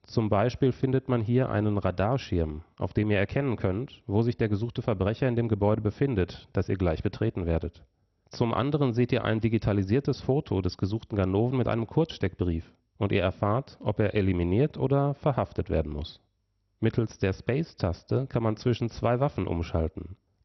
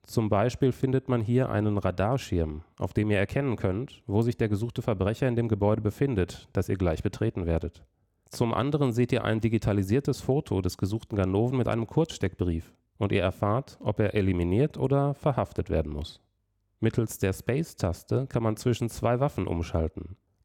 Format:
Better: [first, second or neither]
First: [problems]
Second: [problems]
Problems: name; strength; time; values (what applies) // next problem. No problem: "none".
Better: second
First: garbled, watery; slightly; nothing above 6 kHz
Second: none